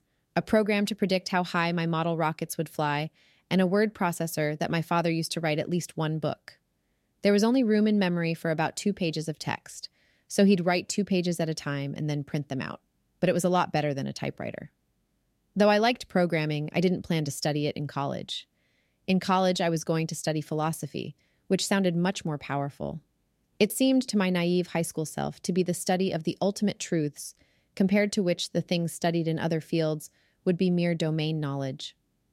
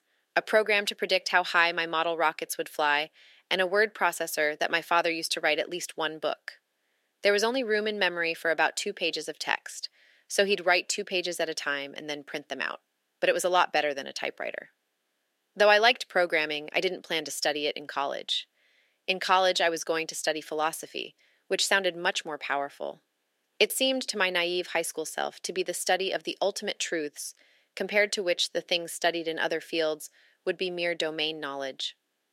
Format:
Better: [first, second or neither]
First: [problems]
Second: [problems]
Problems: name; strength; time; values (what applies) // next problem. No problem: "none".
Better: first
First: none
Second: thin; very; fading below 400 Hz